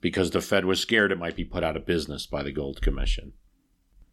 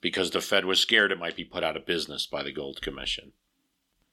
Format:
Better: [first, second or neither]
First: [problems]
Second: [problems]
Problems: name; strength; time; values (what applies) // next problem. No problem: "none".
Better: first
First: none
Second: thin; very slightly; fading below 500 Hz